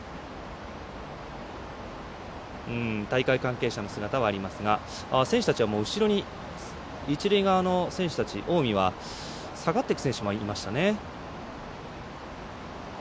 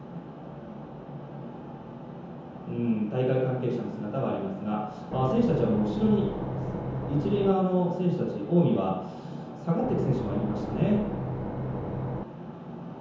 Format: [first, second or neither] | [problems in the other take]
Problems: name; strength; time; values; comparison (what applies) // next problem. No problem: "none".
first | background sound (Engine / Boat, Water vehicle); 4 dB below the speech // room echo; dies away in 0.9 s